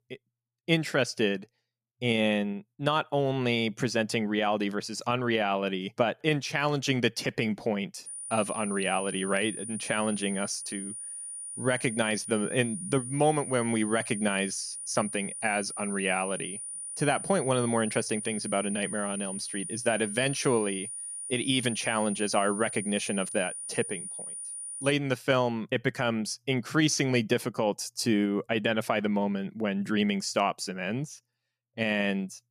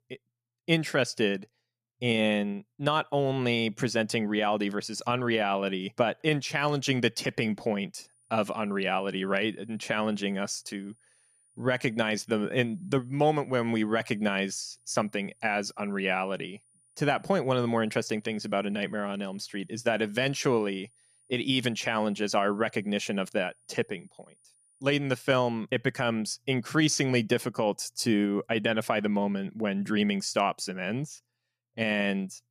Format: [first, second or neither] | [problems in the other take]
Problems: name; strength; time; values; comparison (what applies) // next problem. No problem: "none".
second | high-pitched whine; loud; from 8 to 25 s; 9.5 kHz, 7 dB below the speech; faint in the second